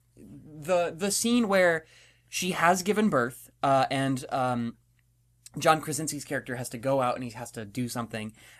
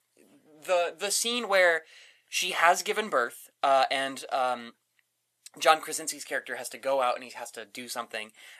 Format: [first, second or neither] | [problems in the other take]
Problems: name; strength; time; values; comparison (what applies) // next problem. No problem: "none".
first | thin; very; fading below 550 Hz